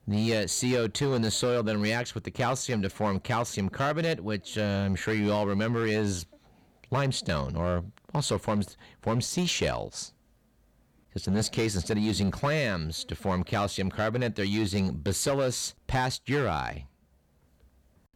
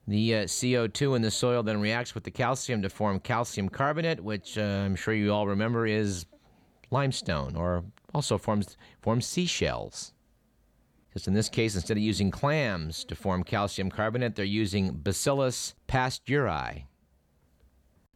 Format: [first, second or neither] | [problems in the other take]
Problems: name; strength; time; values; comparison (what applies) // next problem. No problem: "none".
second | distortion; slight; 7% of the sound clipped